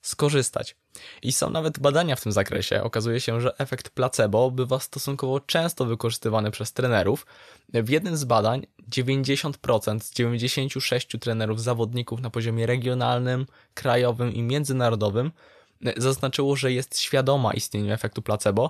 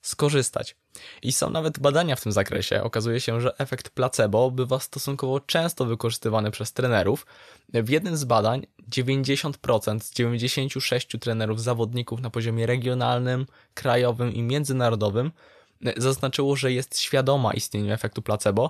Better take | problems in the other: neither | none

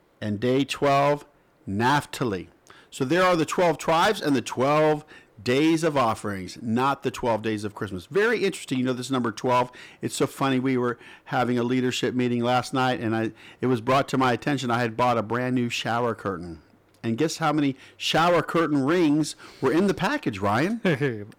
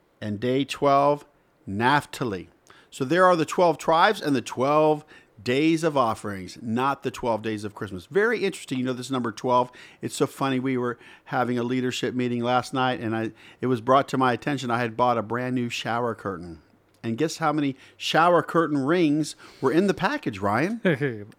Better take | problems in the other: second | distortion; slight; 7% of the sound clipped

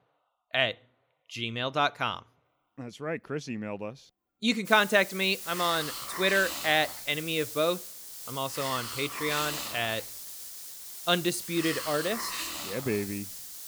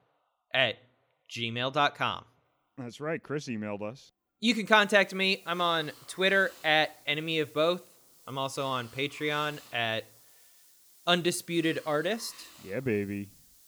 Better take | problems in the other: second | hiss; loud; from 4.5 s on; 7 dB below the speech; faint in the second

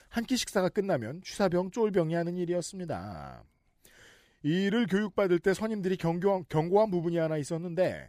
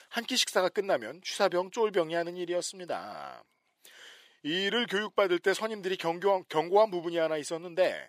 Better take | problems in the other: first | thin; somewhat; fading below 400 Hz

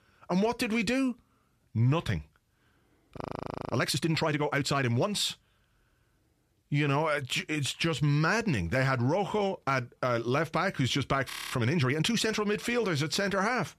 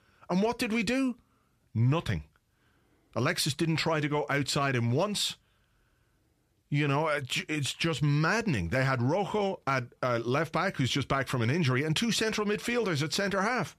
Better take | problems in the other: second | audio freezing; at 3 s for 0.5 s and at 11 s

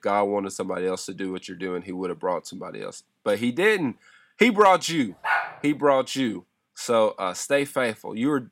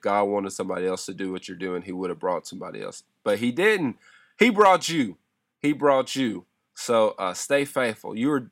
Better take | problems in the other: second | dog barking; noticeable; at 5 s; peak 1 dB below the speech

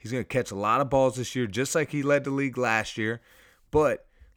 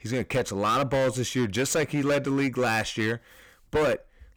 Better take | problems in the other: first | distortion; heavy; 15% of the sound clipped

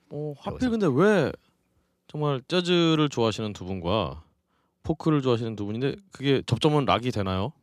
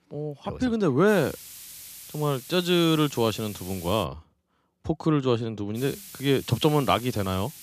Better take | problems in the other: first | hiss; noticeable; from 1 to 4 s and from 6 s on; 15 dB below the speech

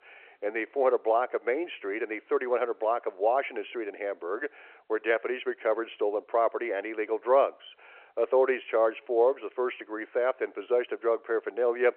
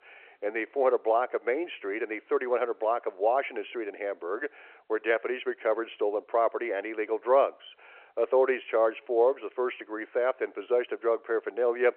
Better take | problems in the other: neither | phone-call audio; the same in both

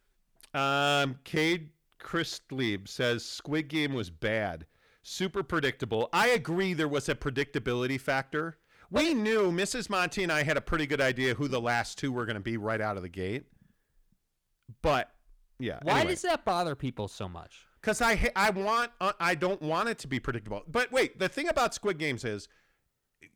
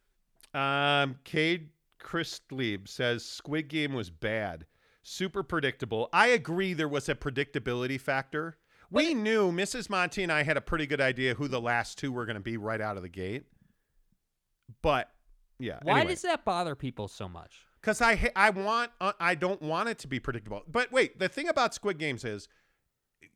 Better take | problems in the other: second | distortion; slight; 5% of the sound clipped

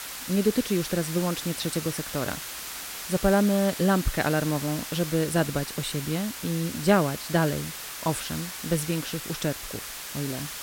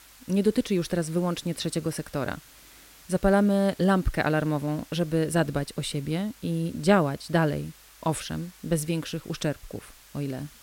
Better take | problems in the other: second | hiss; loud; throughout; 7 dB below the speech; faint in the second

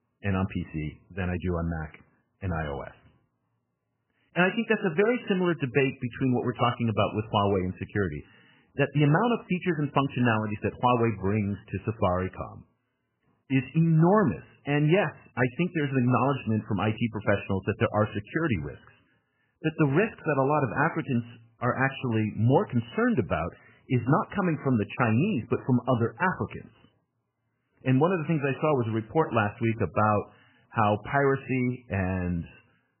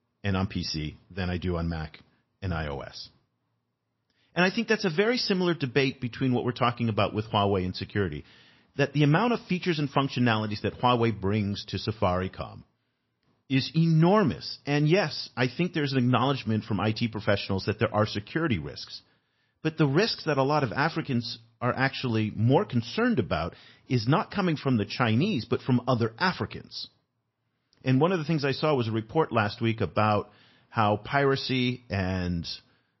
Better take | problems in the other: second | garbled, watery; badly; nothing above 3 kHz; slightly in the second

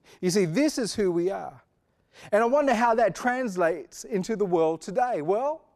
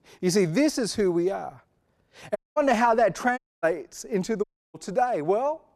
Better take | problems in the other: first | audio cutting out; at 2.5 s, at 3.5 s and at 4.5 s

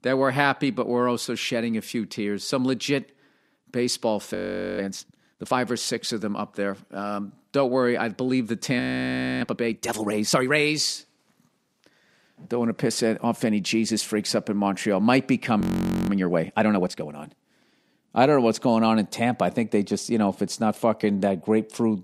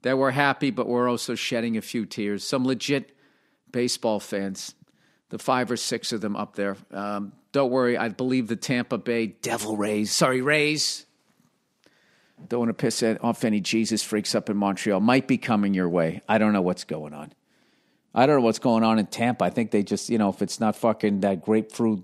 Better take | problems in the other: second | audio freezing; at 4.5 s, at 9 s for 0.5 s and at 16 s

